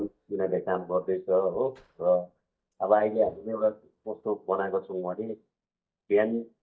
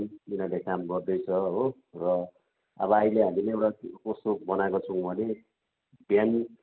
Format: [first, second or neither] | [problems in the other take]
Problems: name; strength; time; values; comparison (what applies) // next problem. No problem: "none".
second | noise reduction (neural mask model DeepFilterNet 3)